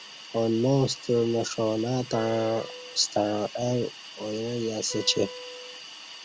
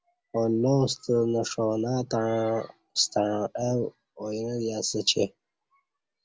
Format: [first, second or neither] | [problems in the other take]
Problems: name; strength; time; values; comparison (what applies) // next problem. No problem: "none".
second | background sound (Wind instrument, woodwind instrument + Hiss); 14 dB below the speech